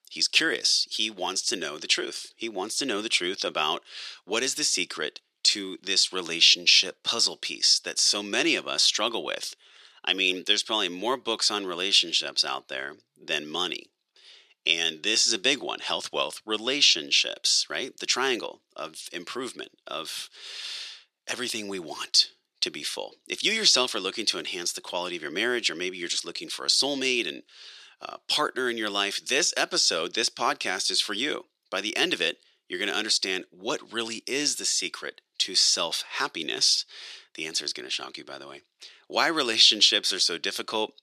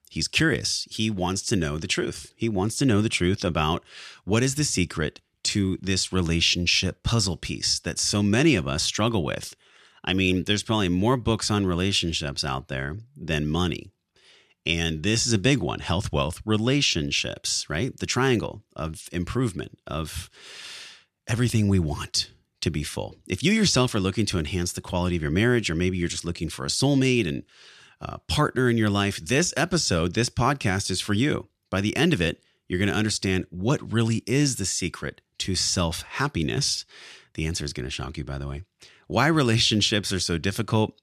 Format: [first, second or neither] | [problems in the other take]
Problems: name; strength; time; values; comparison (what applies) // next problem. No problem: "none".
second | thin; very; fading below 350 Hz